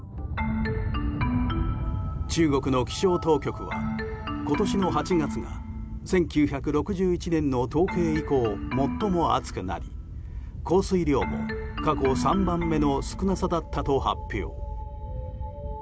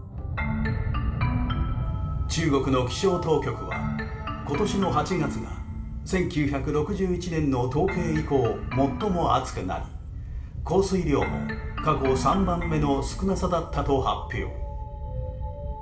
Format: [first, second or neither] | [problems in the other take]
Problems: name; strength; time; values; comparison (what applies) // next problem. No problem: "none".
first | room echo; dies away in 0.6 s